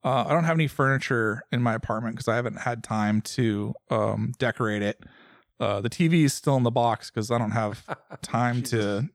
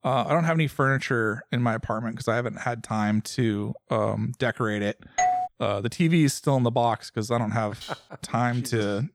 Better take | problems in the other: first | doorbell; loud; at 5 s; peak 2 dB above the speech // clattering dishes; faint; at 8 s; peak 15 dB below the speech

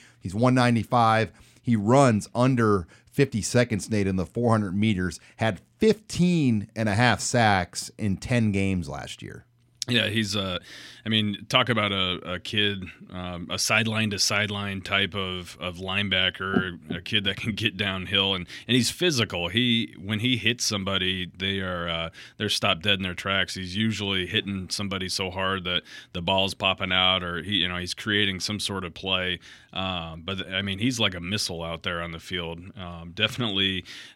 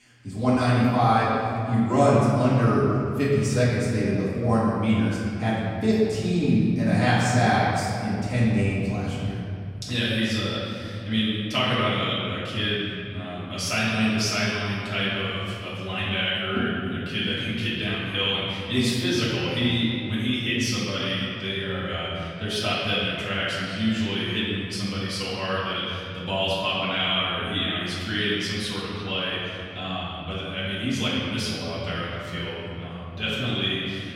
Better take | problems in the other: first | room echo; strong; dies away in 3 s // off-mic speech; far

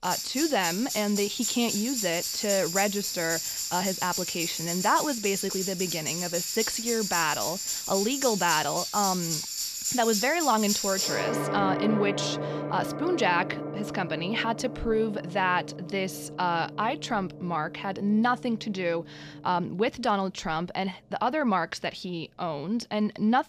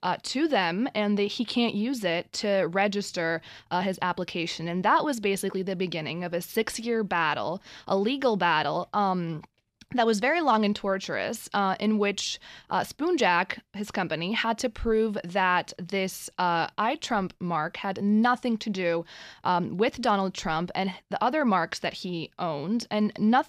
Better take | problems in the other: second | background music; loud; throughout; 2 dB below the speech

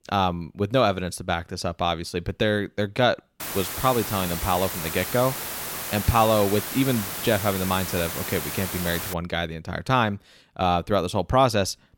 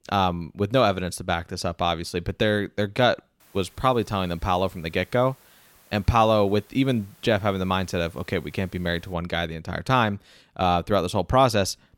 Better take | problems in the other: second | hiss; loud; from 3.5 to 9 s; 5 dB below the speech; faint in the second

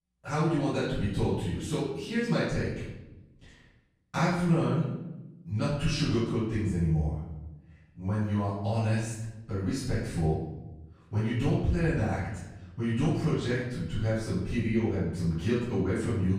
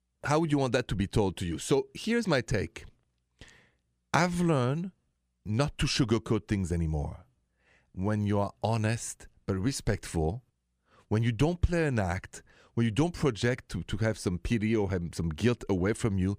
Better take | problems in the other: second | off-mic speech; far // room echo; strong; dies away in 0.9 s

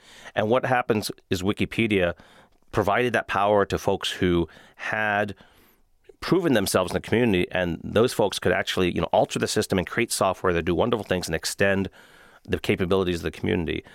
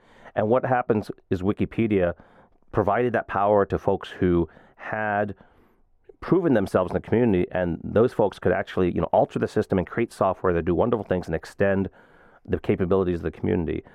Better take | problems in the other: first | muffled; very; fading above 2.5 kHz

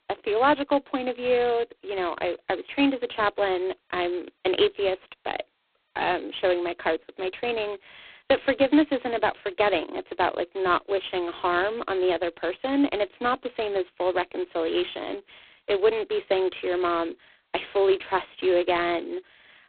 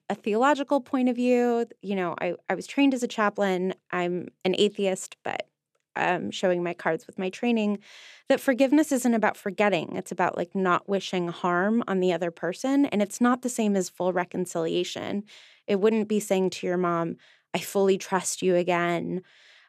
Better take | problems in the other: second | phone-call audio; poor line; nothing above 4 kHz

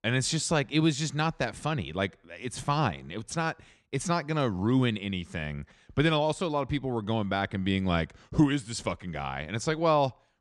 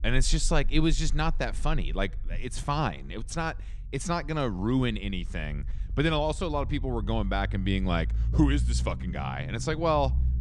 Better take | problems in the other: first | low rumble; faint; throughout; 20 dB below the speech

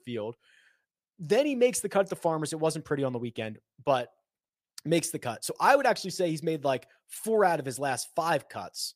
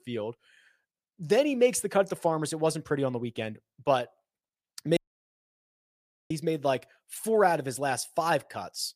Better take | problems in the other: first | audio cutting out; at 5 s for 1.5 s

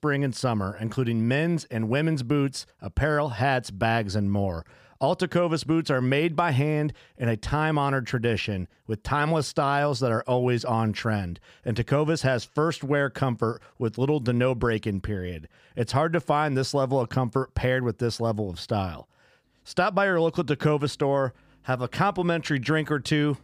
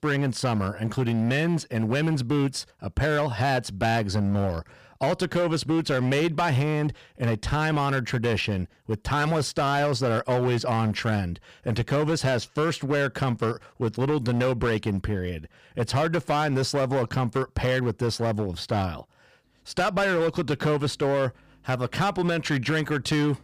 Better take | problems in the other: first | distortion; slight; 13% of the sound clipped

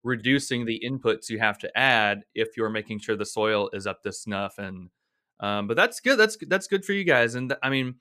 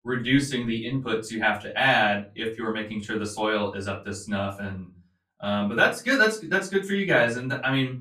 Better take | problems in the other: first | off-mic speech; far // room echo; very slight; dies away in 0.3 s

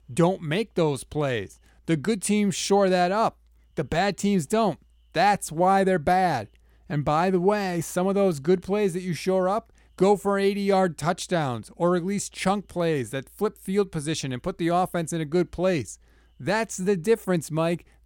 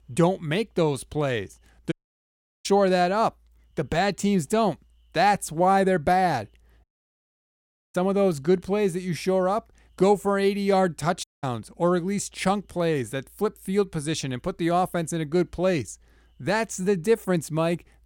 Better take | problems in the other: first | audio cutting out; at 2 s for 0.5 s, at 7 s for 1 s and at 11 s

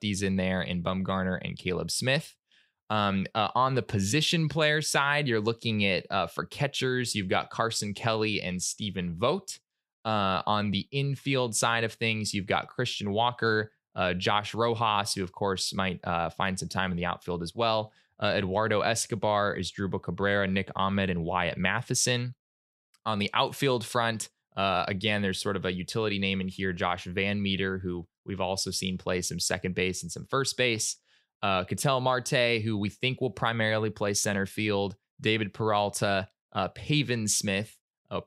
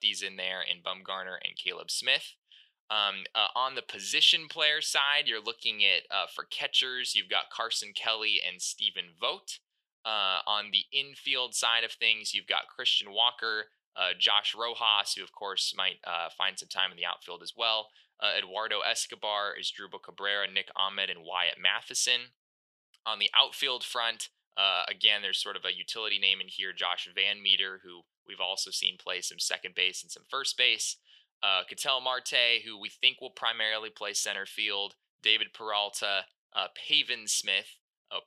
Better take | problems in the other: first | thin; very; fading below 650 Hz

